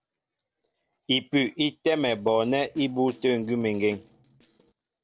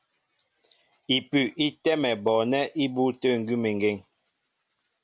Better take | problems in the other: second | noise reduction (neural separator model SepFormer DNS4)

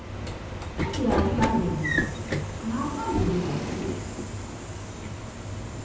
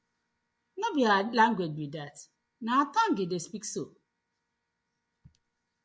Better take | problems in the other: second | background sound (Sliding door / Train); 1 dB above the speech // room echo; dies away in 0.9 s

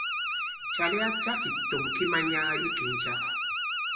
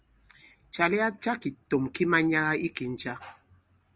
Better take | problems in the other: second | background sound (Alarm); 2 dB above the speech // room echo; dies away in 0.6 s

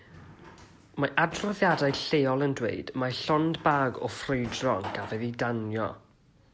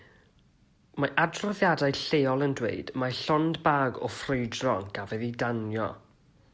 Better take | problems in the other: second | background sound (Drawer open or close); 16 dB below the speech

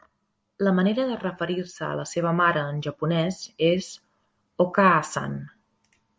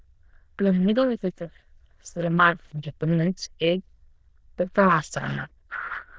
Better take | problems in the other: first | noise reduction (neural diffusion model UNIVERSE++)

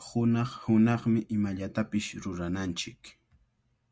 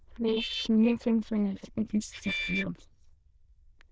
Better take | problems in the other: first | noise reduction (neural diffusion model UNIVERSE++)

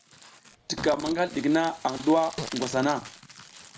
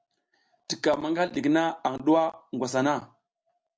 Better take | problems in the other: second | background sound (Fart + Crushing); 13 dB below the speech

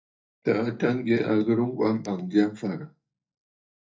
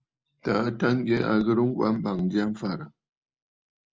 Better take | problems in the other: second | noise reduction (neural mask model DeepFilterNet 3)

